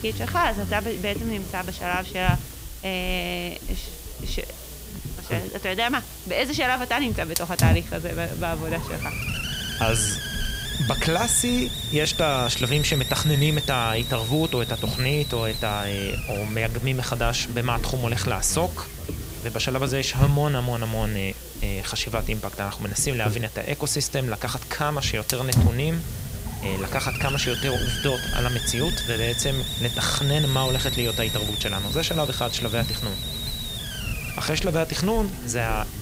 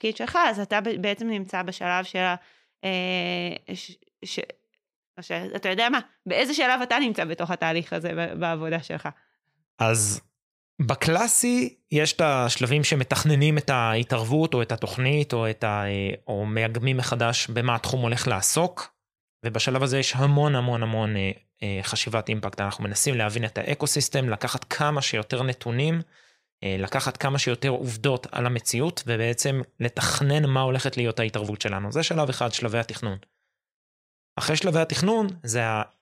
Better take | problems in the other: second | hiss; loud; throughout; 4 dB below the speech

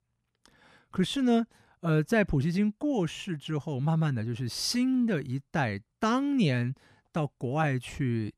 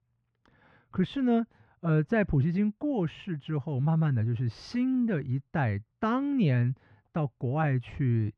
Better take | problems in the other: first | muffled; slightly; fading above 2.5 kHz

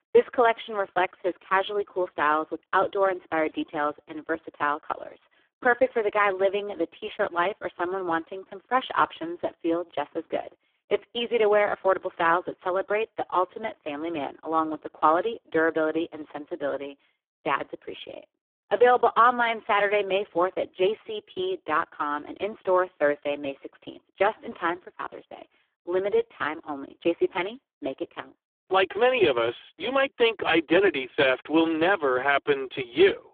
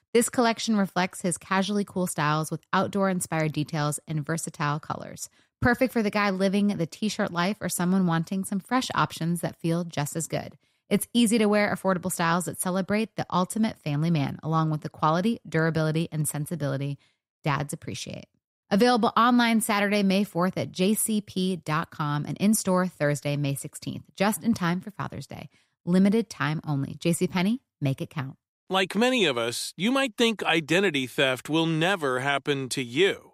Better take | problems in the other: second | phone-call audio; poor line; nothing above 3.5 kHz

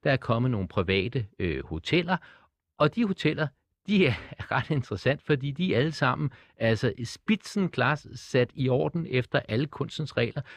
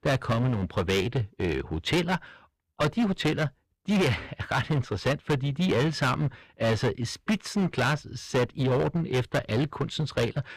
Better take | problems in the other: first | distortion; heavy; 13% of the sound clipped

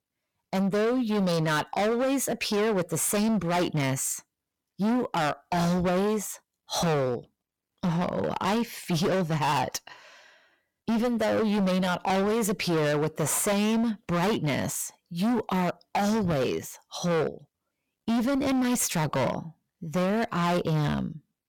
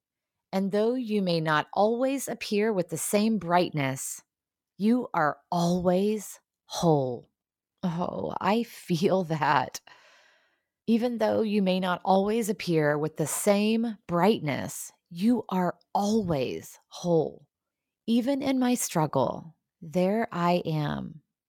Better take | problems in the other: second | distortion; heavy; 24% of the sound clipped

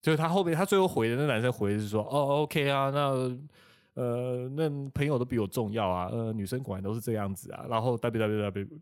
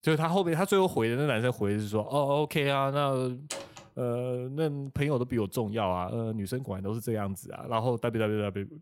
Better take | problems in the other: first | door banging; noticeable; at 3.5 s; peak 10 dB below the speech

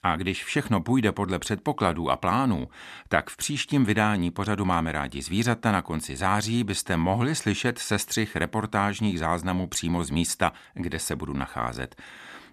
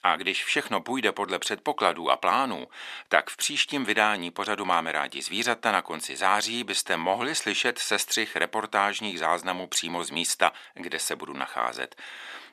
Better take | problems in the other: first | thin; somewhat; fading below 500 Hz

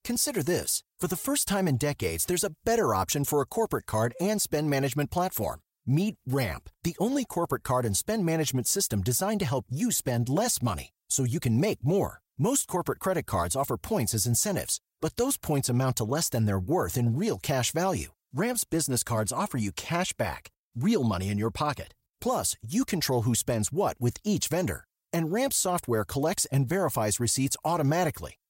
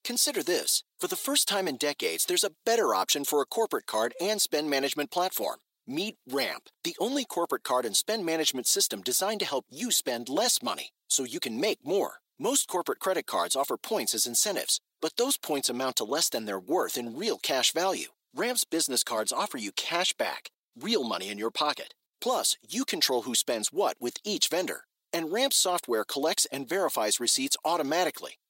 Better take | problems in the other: first | thin; somewhat; fading below 300 Hz

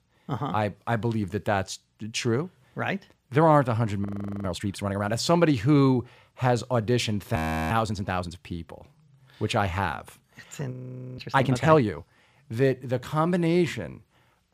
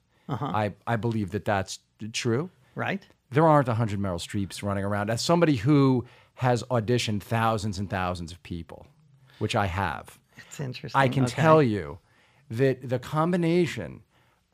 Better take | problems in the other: second | audio freezing; at 4 s, at 7.5 s and at 11 s

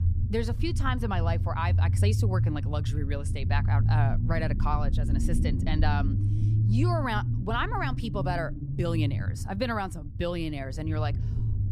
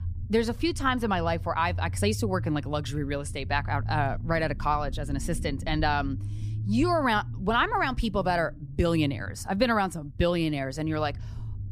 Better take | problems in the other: second | low rumble; loud; throughout; 9 dB below the speech; faint in the second

